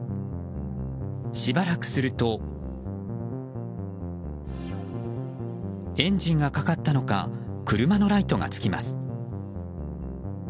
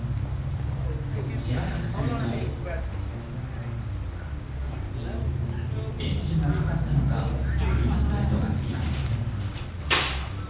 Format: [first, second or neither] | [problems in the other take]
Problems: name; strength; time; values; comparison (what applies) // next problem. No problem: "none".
first | background sound (Bus); as loud as the speech // room echo; dies away in 1.2 s